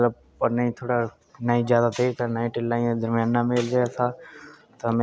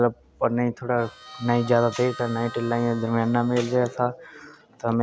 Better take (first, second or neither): first